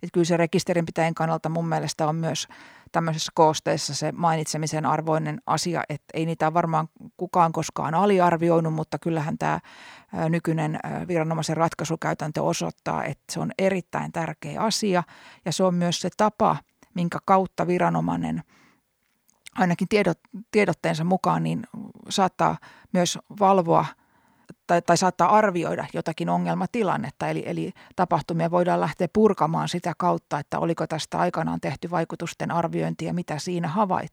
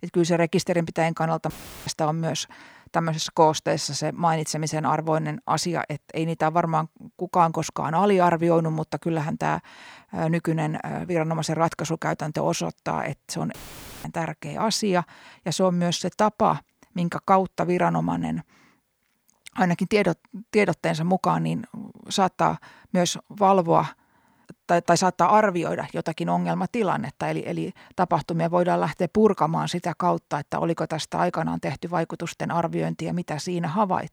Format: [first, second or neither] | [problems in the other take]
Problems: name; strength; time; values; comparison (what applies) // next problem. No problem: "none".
first | audio cutting out; filled with static; at 1.5 s and at 14 s for 0.5 s